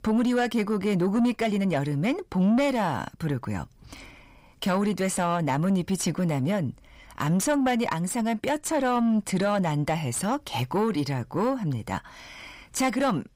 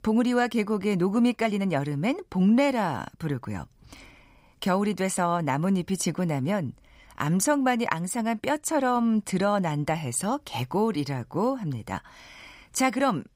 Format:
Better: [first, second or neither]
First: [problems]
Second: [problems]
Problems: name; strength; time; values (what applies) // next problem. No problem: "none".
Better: second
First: distortion; slight; 10 dB below the speech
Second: none